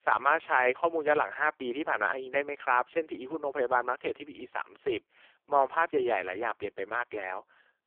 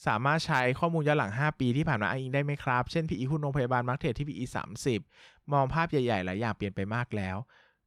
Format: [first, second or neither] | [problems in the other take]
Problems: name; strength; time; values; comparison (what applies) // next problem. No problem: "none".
second | phone-call audio; poor line